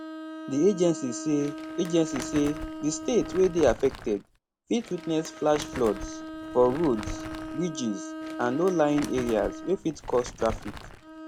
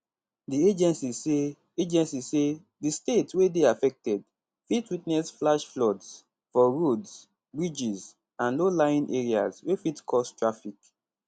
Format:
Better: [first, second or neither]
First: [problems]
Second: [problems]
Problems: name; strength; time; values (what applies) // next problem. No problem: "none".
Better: second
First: background sound (Crumpling, crinkling + Bowed string instrument); 10 dB below the speech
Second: none